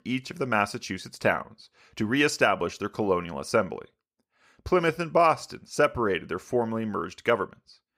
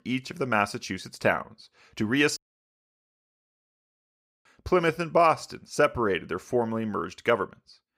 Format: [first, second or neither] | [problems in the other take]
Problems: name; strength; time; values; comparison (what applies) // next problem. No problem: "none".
first | audio cutting out; at 2.5 s for 2 s